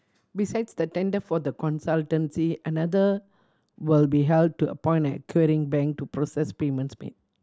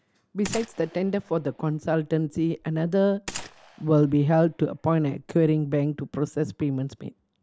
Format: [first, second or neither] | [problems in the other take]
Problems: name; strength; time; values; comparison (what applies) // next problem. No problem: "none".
first | background sound (Gunshot, gunfire); 19 dB below the speech